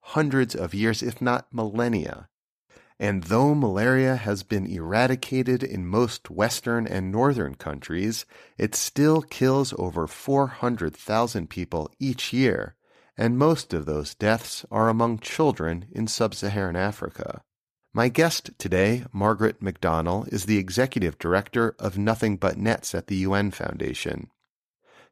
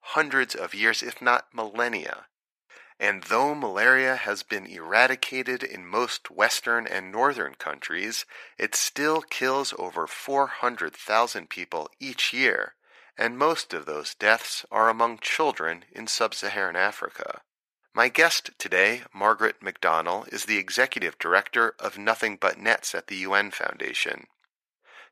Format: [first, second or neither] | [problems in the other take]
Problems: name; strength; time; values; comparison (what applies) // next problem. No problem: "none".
first | thin; very; fading below 500 Hz